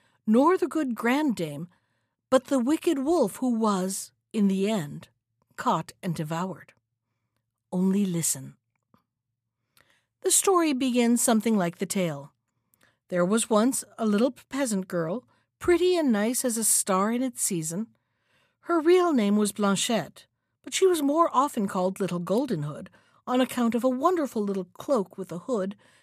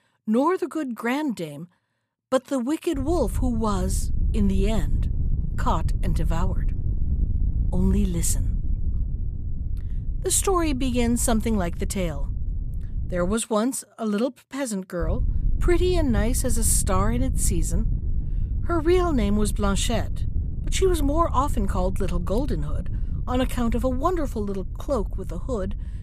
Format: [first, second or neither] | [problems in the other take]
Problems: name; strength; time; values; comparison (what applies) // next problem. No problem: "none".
first | wind noise on the microphone; occasional gusts; from 3 to 13 s and from 15 s on; 20 dB below the speech